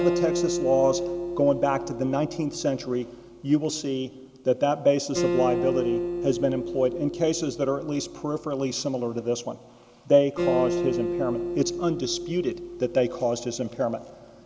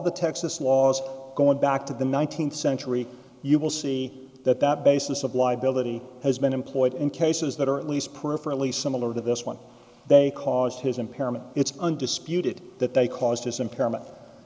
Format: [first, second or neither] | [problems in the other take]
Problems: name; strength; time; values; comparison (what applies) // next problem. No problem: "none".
second | background sound (Acoustic guitar); 5 dB below the speech